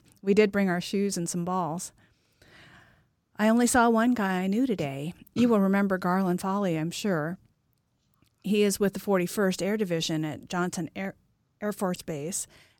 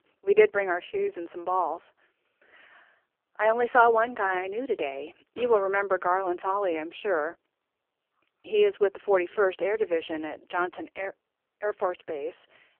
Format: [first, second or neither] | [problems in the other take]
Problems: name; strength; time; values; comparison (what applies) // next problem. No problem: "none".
first | phone-call audio; poor line; nothing above 3 kHz